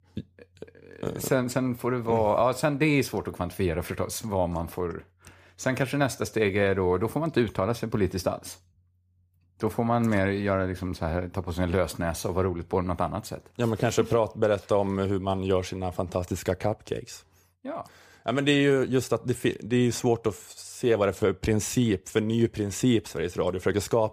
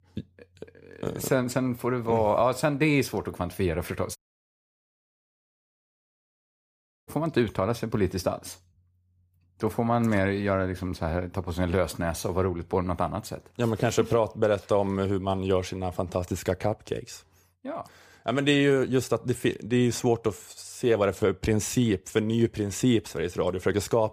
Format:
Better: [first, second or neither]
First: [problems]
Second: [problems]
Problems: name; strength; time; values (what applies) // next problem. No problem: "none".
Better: first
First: none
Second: audio cutting out; at 4 s for 3 s